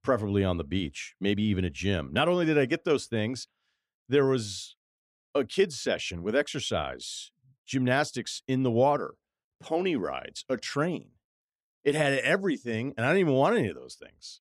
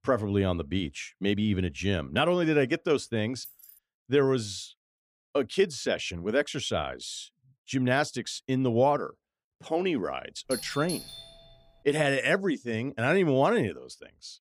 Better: first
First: none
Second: jangling keys; faint; at 3.5 s; peak 20 dB below the speech // doorbell; noticeable; from 11 to 12 s; peak 10 dB below the speech

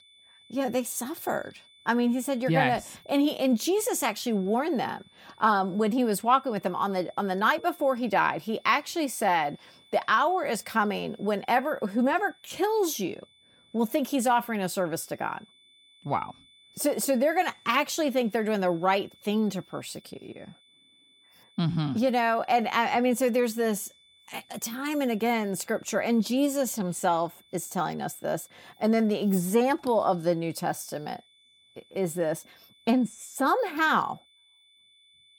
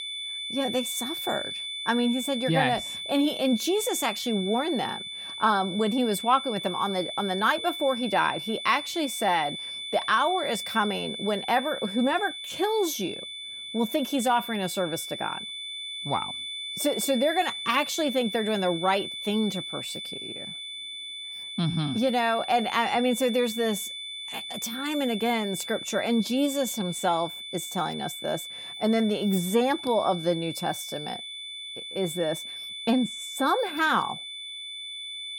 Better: first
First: high-pitched whine; faint; throughout; 3.5 kHz, 30 dB below the speech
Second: high-pitched whine; loud; throughout; 3.5 kHz, 7 dB below the speech

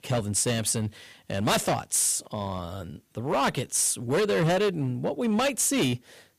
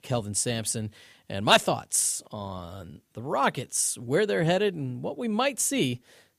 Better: second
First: distortion; heavy; 13% of the sound clipped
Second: none

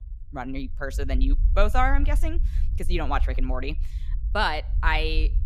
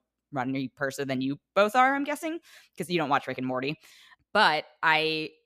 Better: second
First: low rumble; faint; throughout; 20 dB below the speech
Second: none

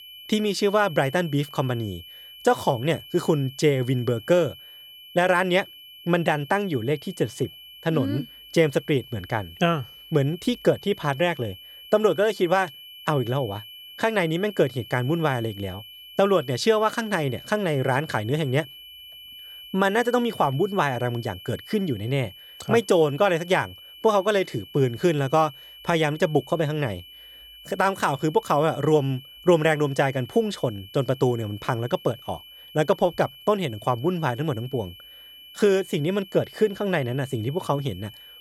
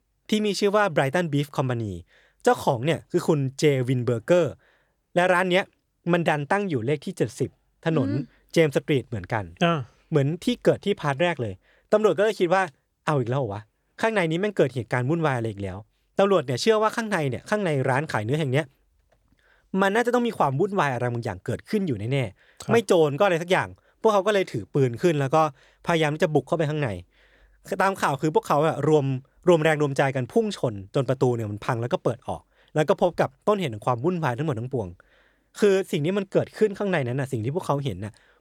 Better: second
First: high-pitched whine; noticeable; throughout; 3 kHz, 20 dB below the speech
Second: none

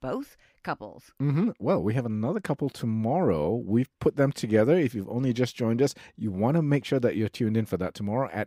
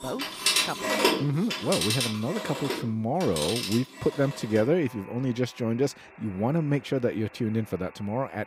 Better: first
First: none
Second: alarms or sirens; very loud; throughout; 1 dB above the speech

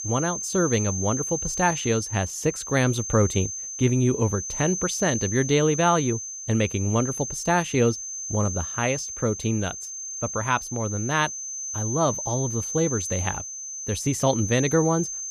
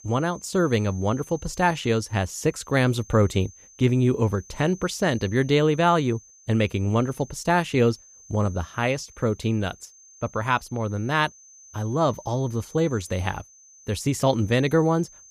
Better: second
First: high-pitched whine; loud; throughout; 6.5 kHz, 5 dB below the speech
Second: high-pitched whine; faint; throughout; 6.5 kHz, 25 dB below the speech

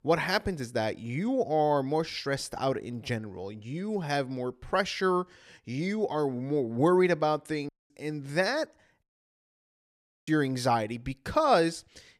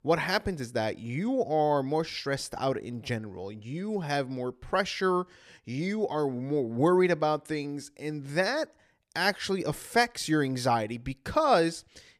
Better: second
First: audio cutting out; at 7.5 s and at 9 s for 1 s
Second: none

